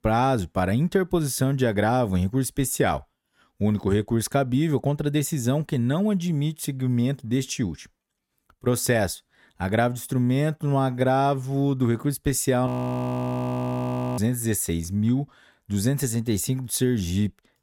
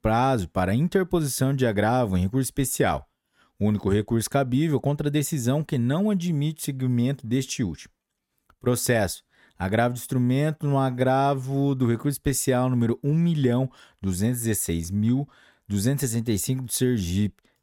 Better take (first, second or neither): second